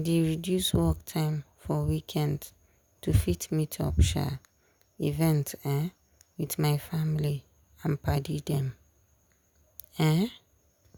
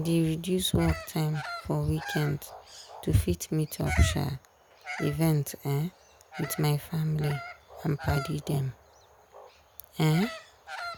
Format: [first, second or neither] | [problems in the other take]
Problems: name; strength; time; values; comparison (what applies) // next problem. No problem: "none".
first | background sound (Bird vocalization, bird call, bird song); 13 dB below the speech